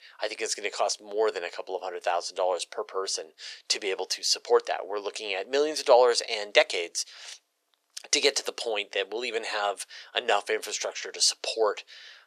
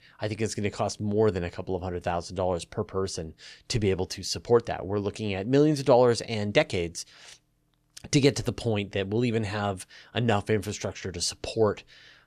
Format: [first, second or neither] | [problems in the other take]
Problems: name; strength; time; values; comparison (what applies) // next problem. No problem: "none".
second | thin; very; fading below 500 Hz